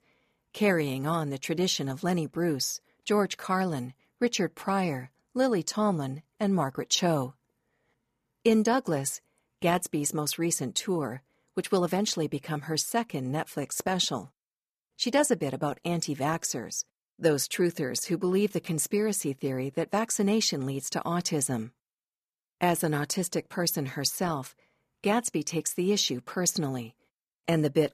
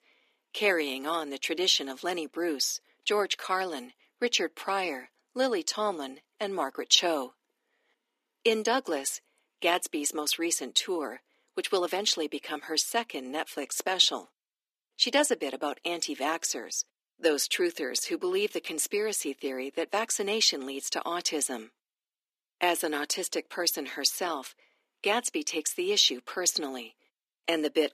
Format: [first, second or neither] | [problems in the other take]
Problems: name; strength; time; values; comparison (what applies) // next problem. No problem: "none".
first | thin; somewhat; fading below 250 Hz